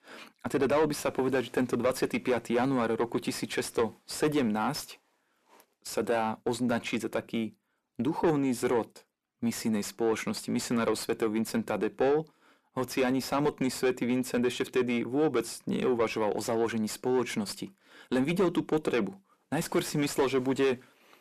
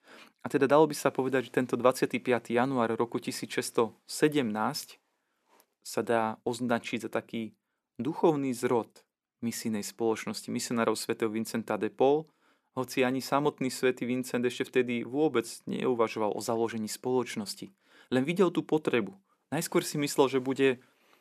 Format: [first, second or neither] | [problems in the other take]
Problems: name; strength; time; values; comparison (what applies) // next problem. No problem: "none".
second | distortion; heavy; 8 dB below the speech